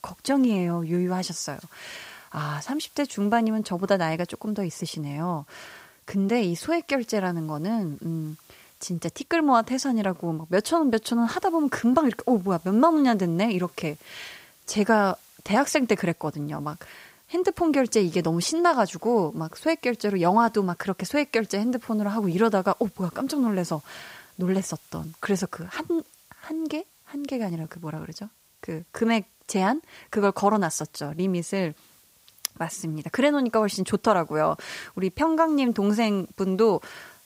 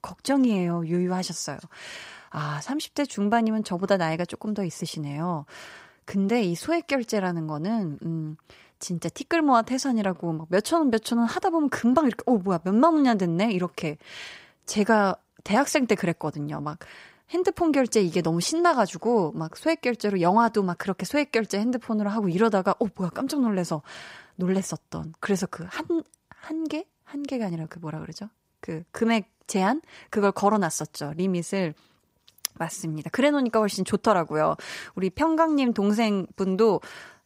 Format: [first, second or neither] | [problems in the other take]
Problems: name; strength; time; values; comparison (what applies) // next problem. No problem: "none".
second | hiss; faint; throughout; 30 dB below the speech